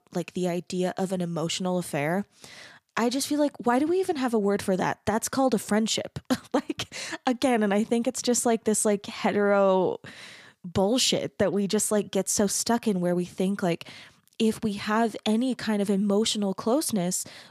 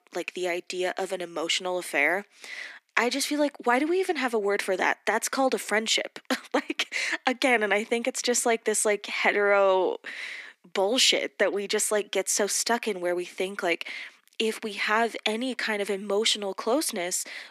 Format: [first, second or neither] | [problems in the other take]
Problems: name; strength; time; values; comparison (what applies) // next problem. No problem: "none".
first | thin; somewhat; fading below 250 Hz